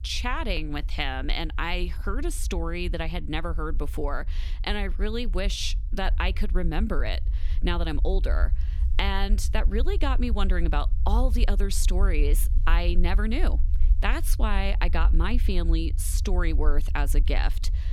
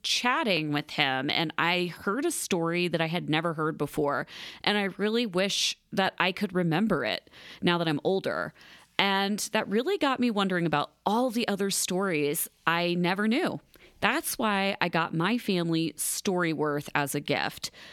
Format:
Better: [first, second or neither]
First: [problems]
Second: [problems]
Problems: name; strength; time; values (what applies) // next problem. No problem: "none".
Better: second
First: low rumble; noticeable; throughout; 20 dB below the speech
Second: none